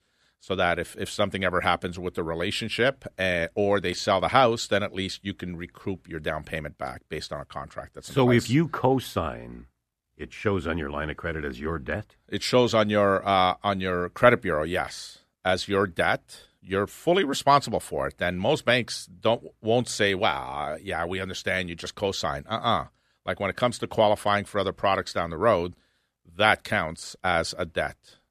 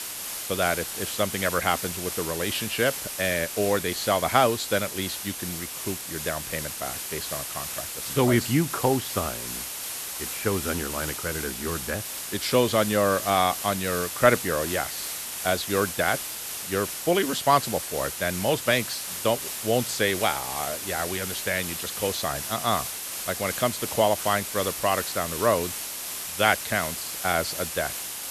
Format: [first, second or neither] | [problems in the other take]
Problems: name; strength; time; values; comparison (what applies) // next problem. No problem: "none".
first | hiss; loud; throughout; 5 dB below the speech